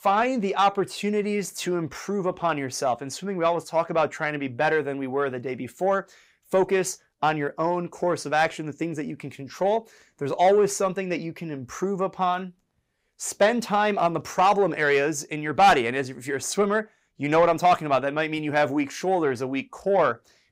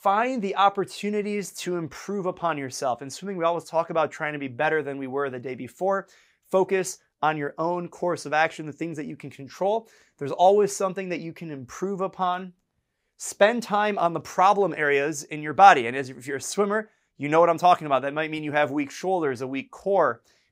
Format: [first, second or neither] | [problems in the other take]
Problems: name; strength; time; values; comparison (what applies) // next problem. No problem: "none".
second | distortion; slight; 10 dB below the speech